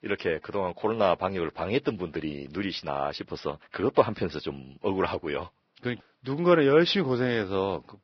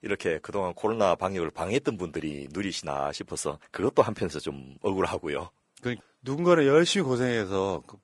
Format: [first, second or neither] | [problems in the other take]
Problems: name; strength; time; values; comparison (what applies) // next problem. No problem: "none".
second | garbled, watery; badly; nothing above 5.5 kHz; slightly in the second